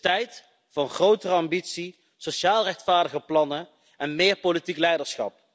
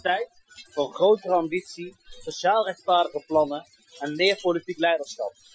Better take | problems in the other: first | noise reduction (classical method Wiener filter)

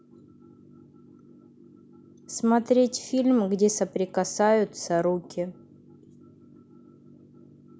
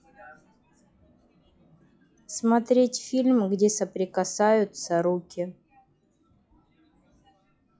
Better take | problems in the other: first | noise reduction (classical method log-MMSE)

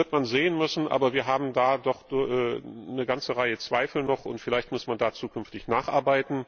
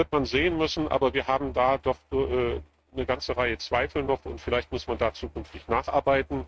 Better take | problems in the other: first | noise reduction (neural mask model RNNoise)

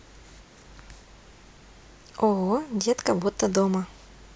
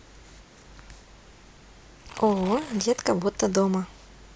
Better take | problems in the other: first | background sound (Tearing); 17 dB below the speech

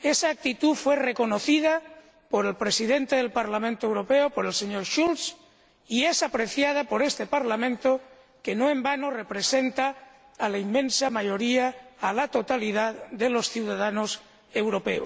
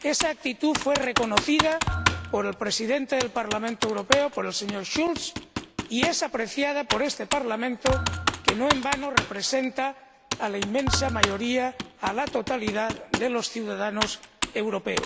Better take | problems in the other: first | background sound (Thump, thud + Computer keyboard); 3 dB below the speech

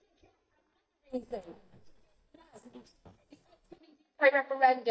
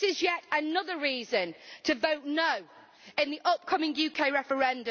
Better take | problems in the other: second | noise reduction (neural mask model DeepFilterNet 3)

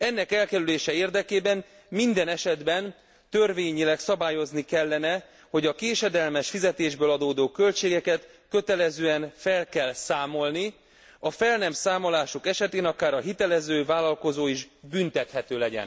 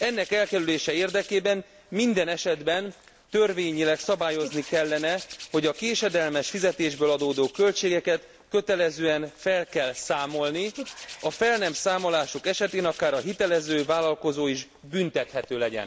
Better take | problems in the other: first | background sound (Hands); 19 dB below the speech

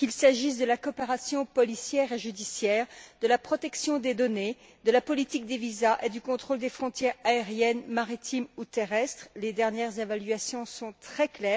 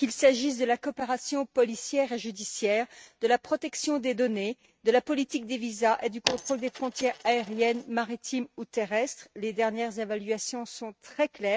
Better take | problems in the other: first | noise reduction (neural mask model RNNoise)

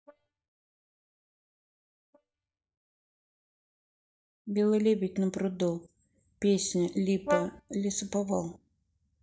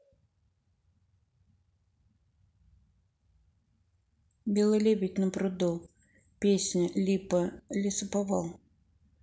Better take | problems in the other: second | noise reduction (neural mask model DeepFilterNet 3)

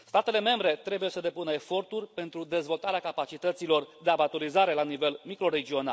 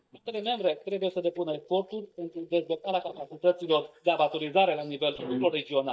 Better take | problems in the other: first | noise reduction (neural mask model DeepFilterNet 3)

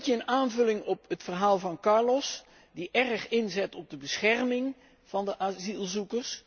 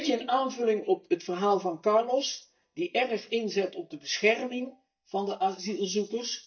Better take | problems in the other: first | noise reduction (neural mask model DeepFilterNet 3)

